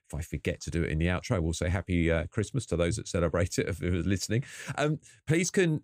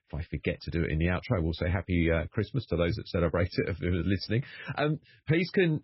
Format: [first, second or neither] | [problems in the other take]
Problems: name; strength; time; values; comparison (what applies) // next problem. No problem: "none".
first | garbled, watery; badly; nothing above 5.5 kHz